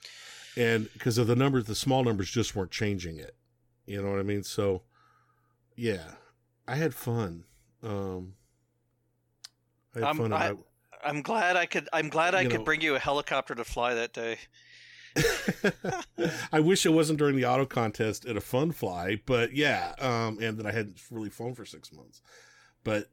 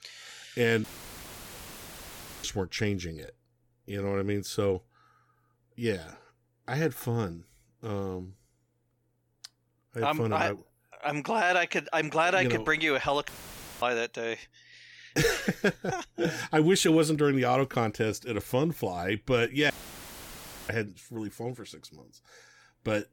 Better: first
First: none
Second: audio cutting out; filled with static; at 1 s for 1.5 s, at 13 s for 0.5 s and at 20 s for 1 s

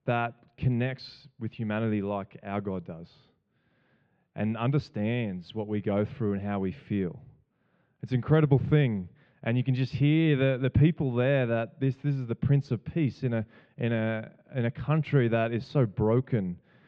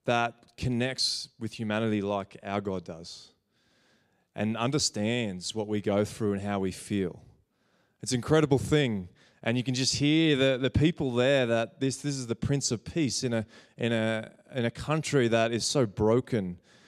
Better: second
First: muffled; very; fading above 3 kHz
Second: none

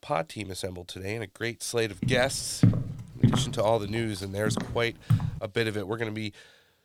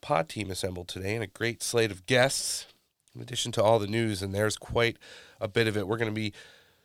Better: second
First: footsteps; loud; from 2 to 5.5 s; peak 6 dB above the speech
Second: none

